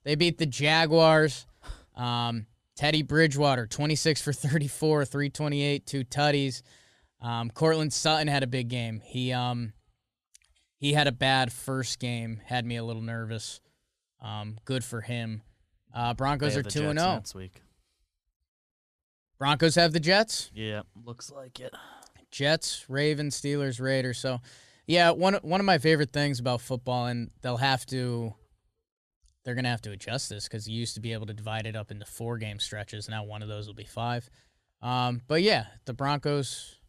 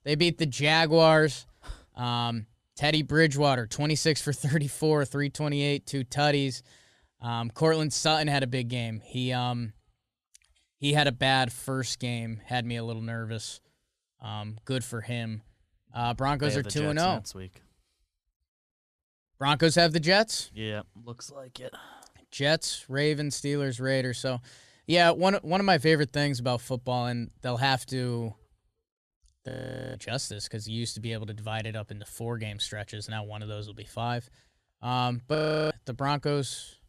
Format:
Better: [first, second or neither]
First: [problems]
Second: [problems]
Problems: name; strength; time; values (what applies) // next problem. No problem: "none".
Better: first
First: none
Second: audio freezing; at 29 s and at 35 s